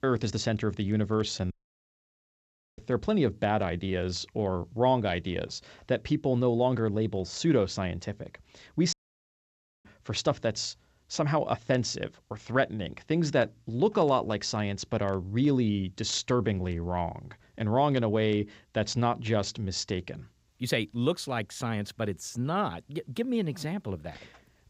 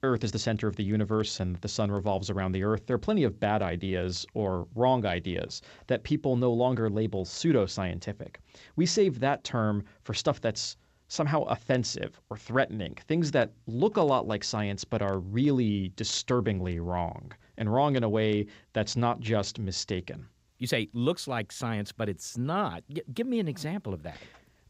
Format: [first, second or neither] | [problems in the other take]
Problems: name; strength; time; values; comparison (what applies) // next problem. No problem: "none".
second | audio cutting out; at 1.5 s for 1.5 s and at 9 s for 1 s